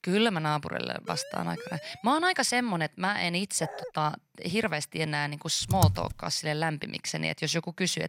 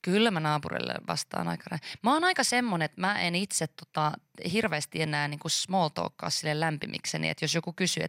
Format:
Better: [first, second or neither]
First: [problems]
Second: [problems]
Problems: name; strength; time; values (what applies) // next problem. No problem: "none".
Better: second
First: siren; faint; at 1 s; peak 15 dB below the speech // dog barking; faint; at 3.5 s; peak 10 dB below the speech // keyboard typing; loud; at 5.5 s; peak 3 dB above the speech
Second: none